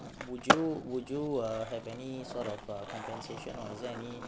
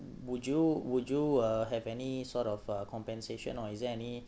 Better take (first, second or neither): second